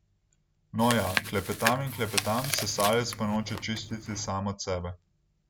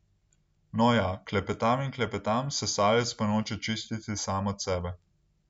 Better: second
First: background sound (Chewing, mastication); 4 dB below the speech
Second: none

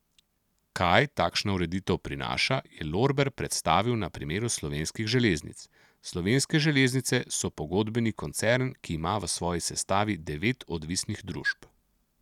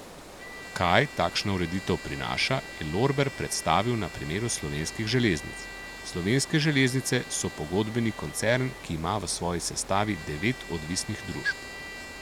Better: first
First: none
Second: background sound (Water + Trumpet); 13 dB below the speech

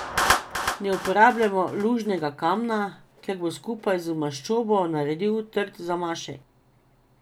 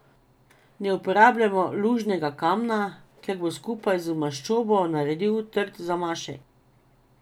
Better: second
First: background sound (Clapping); 8 dB below the speech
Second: none

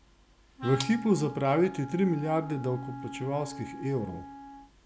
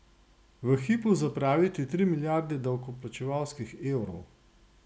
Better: second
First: background sound (Gunshot, gunfire + Wind instrument, woodwind instrument); 12 dB below the speech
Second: none

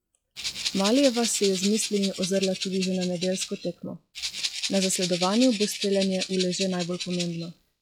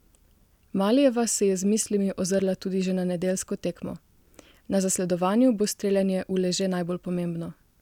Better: second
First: noise reduction (classical method log-MMSE)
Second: none

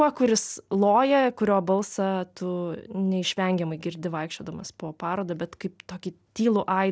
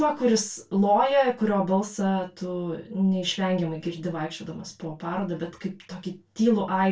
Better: first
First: none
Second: room echo; dies away in 0.2 s

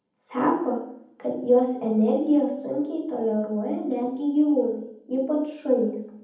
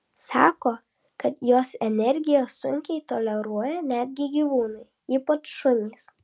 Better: second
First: room echo; dies away in 0.8 s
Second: none

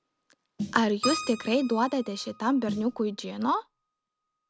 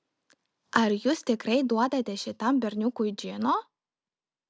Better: second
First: background sound (Keyboard (musical) + Snare drum); 10 dB below the speech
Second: none

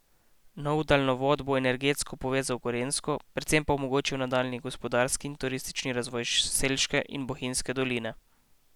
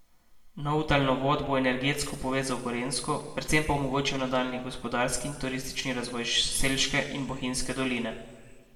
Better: first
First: none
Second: room echo; dies away in 1.3 s

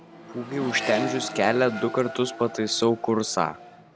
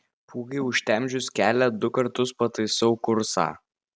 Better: second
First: background sound (Accelerating, revving, vroom); 10 dB below the speech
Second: none

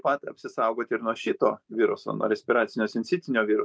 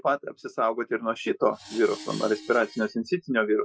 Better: first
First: none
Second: noise reduction (classical method Wiener filter)

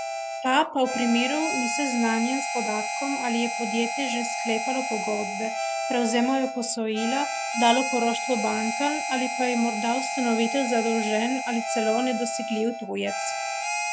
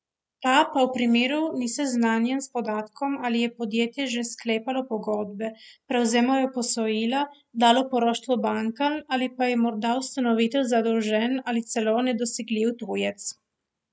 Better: second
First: background sound (Harmonica); 3 dB below the speech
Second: none

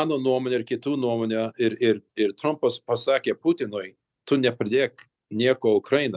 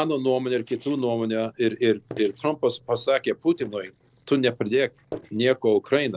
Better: first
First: none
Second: noise reduction (neural separator model SepFormer DNS4)

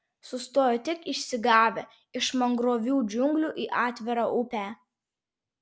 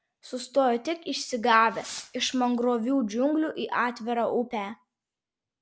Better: first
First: none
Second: background sound (Fireworks); 19 dB below the speech

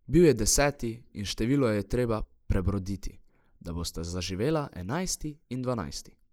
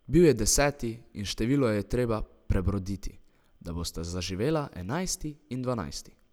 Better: second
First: noise reduction (neural mask model Resemble Enhance denoiser)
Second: none

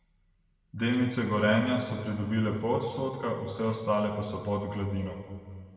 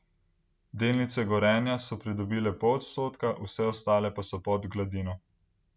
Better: second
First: room echo; dies away in 1.8 s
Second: none

